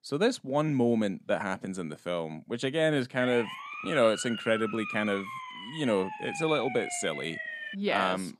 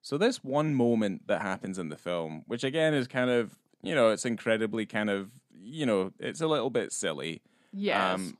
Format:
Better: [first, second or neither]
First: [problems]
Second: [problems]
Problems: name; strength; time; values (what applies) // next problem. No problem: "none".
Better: second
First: siren; noticeable; from 3 to 8 s; peak 6 dB below the speech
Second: none